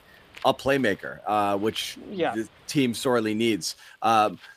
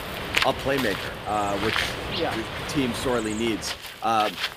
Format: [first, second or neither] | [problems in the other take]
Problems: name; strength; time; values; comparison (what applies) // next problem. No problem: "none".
first | animal sounds; loud; throughout; 2 dB below the speech; faint in the first